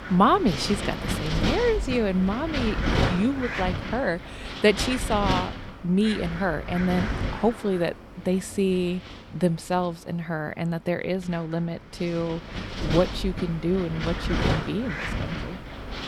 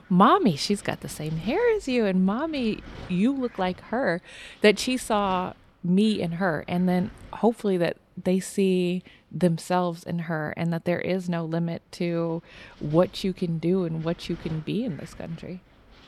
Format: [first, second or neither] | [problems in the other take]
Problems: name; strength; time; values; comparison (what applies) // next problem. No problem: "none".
second | wind noise on the microphone; heavy; 4 dB below the speech; occasional gusts in the second